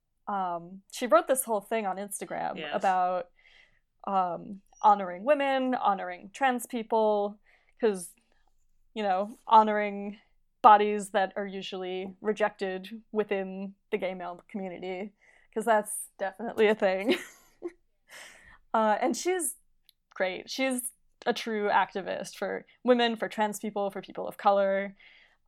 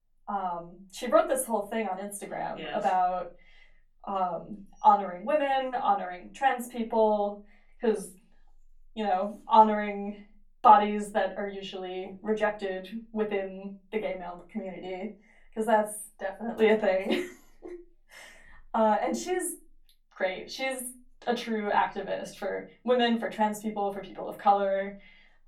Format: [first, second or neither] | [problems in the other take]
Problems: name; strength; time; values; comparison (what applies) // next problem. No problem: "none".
first | off-mic speech; far // room echo; very slight; dies away in 0.3 s